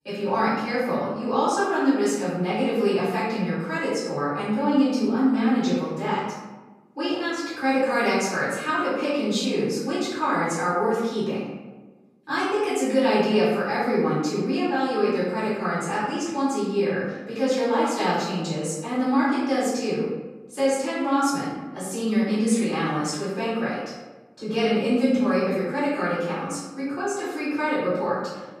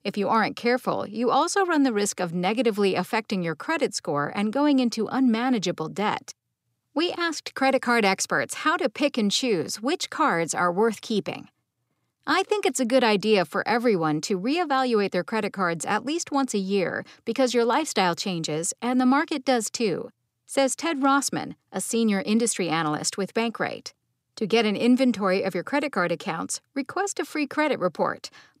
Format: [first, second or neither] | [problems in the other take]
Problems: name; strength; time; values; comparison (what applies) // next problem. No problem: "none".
second | off-mic speech; far // room echo; strong; dies away in 1.1 s